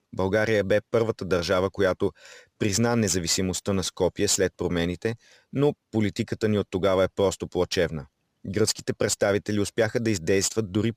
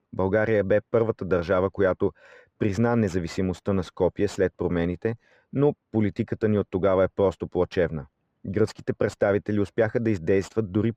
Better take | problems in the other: first | muffled; very; fading above 3.5 kHz

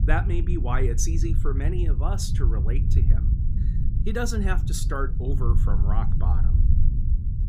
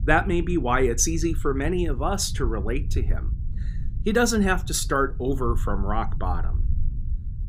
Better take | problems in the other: second | low rumble; loud; throughout; 8 dB below the speech; faint in the second

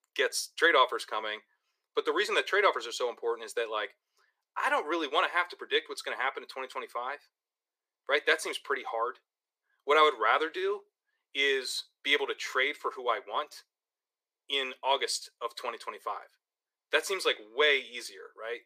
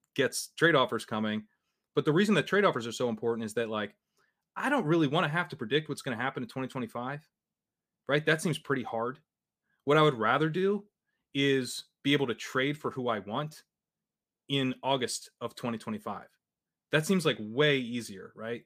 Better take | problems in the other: second | thin; very; fading below 400 Hz

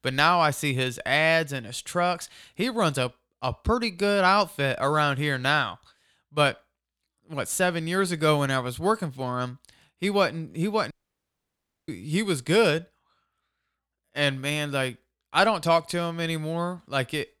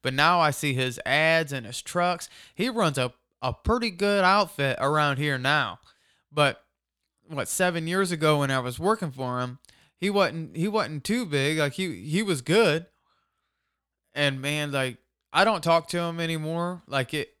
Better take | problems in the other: second | audio cutting out; at 11 s for 1 s

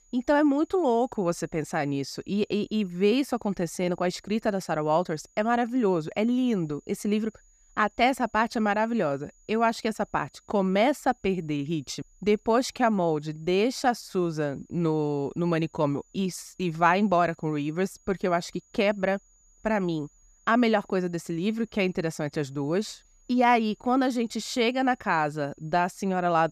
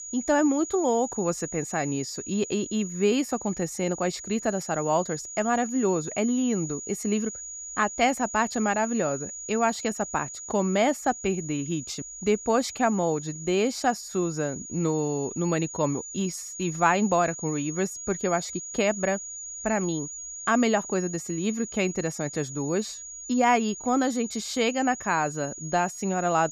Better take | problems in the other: first | high-pitched whine; loud; throughout; 7 kHz, 9 dB below the speech; faint in the first

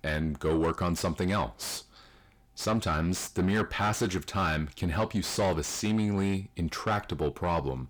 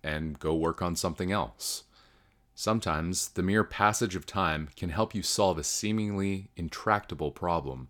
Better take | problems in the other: second | distortion; heavy; 6 dB below the speech

